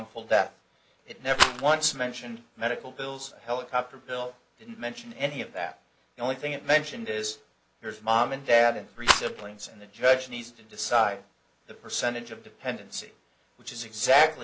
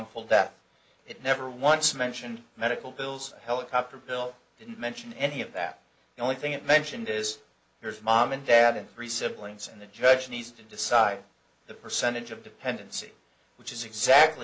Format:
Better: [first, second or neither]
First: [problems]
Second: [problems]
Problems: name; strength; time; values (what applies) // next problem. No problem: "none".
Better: second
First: background sound (Rattle); 2 dB above the speech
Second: none